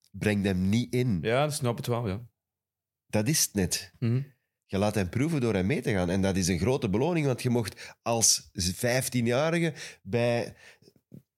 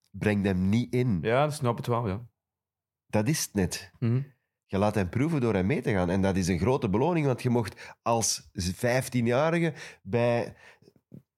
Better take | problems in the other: first | muffled; very slightly; fading above 3 kHz

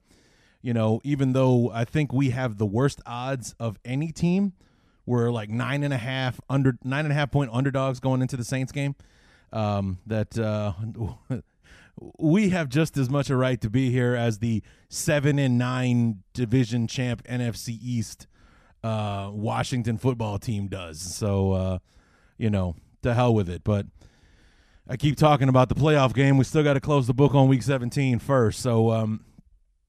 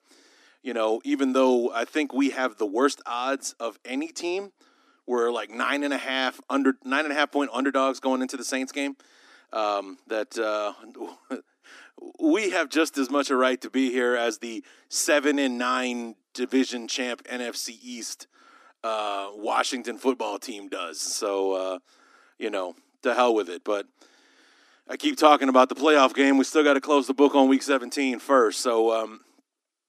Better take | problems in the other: first | thin; somewhat; fading below 250 Hz

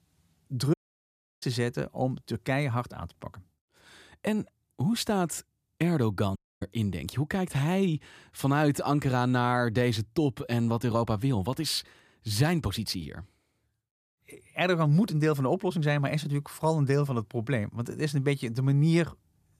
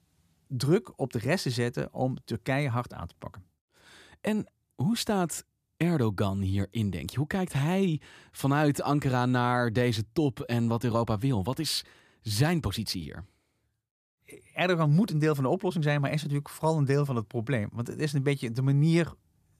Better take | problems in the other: second | audio cutting out; at 0.5 s for 0.5 s and at 6.5 s

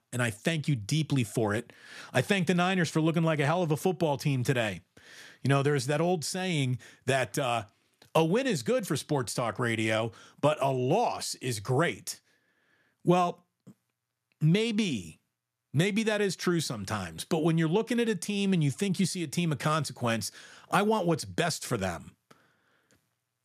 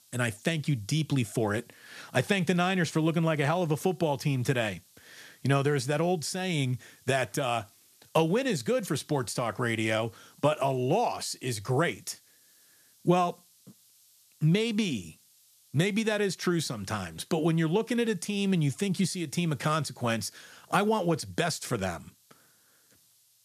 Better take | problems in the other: first | hiss; faint; throughout; 30 dB below the speech

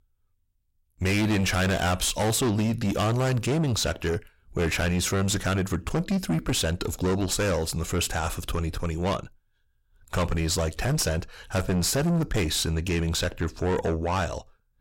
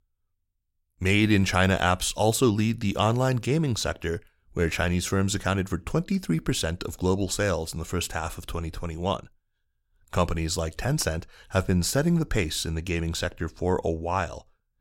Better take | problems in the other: second | distortion; heavy; 6 dB below the speech

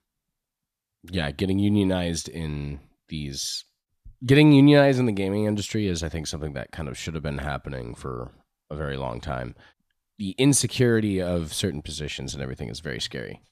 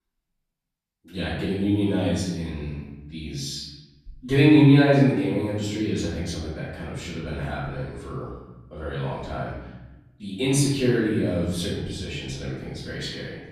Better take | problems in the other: first | room echo; noticeable; dies away in 1 s // off-mic speech; far

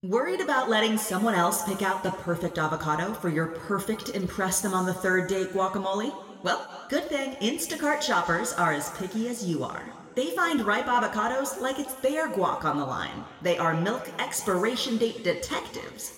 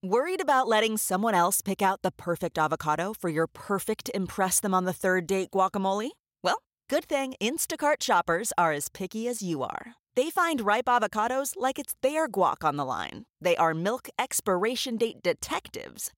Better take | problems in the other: second | room echo; slight; dies away in 1.9 s

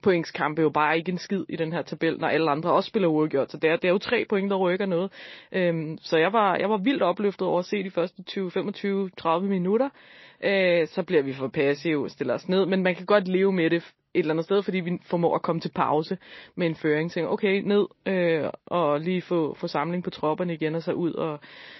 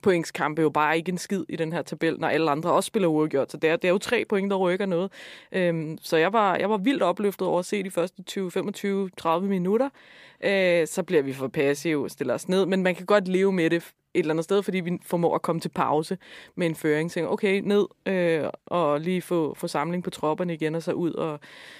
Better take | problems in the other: second | garbled, watery; slightly; nothing above 5.5 kHz

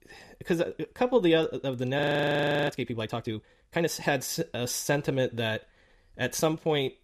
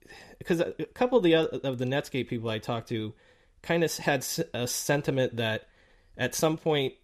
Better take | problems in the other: second | audio freezing; at 2 s for 0.5 s

